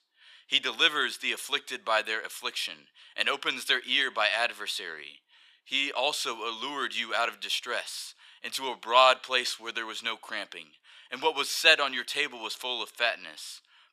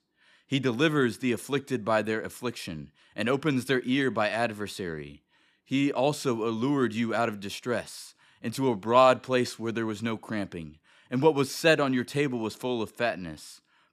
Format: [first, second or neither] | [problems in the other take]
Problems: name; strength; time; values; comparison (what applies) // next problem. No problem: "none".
second | thin; very; fading below 850 Hz